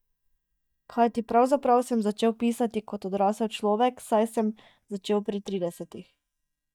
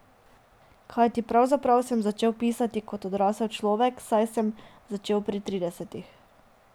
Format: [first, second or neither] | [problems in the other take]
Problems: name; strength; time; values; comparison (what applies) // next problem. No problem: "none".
second | noise reduction (neural mask model DeepFilterNet 3)